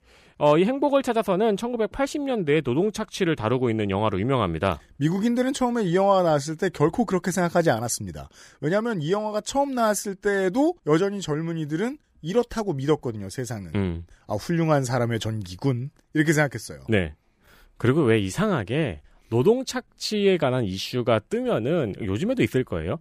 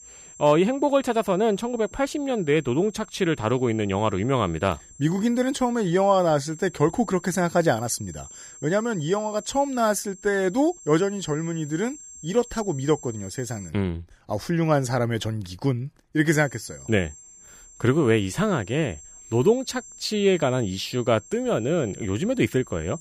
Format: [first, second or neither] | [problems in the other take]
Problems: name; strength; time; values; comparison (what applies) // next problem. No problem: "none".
first | high-pitched whine; noticeable; until 14 s and from 16 s on; 7.5 kHz, 20 dB below the speech